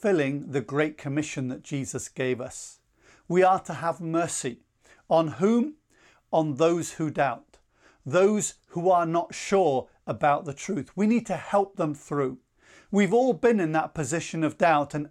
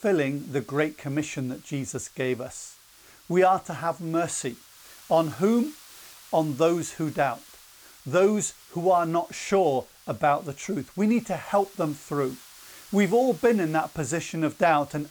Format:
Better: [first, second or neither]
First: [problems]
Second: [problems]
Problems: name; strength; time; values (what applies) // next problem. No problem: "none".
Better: first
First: none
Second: hiss; faint; throughout; 20 dB below the speech